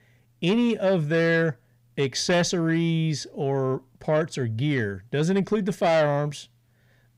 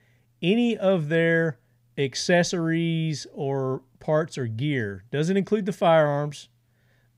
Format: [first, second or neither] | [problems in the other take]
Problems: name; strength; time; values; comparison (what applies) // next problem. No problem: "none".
second | distortion; slight; 10 dB below the speech